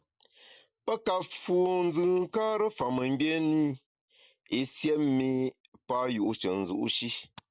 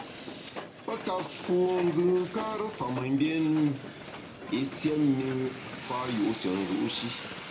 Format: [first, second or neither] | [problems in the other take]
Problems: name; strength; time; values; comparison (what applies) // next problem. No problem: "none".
first | background sound (Hiss); 11 dB below the speech // room echo; dies away in 0.4 s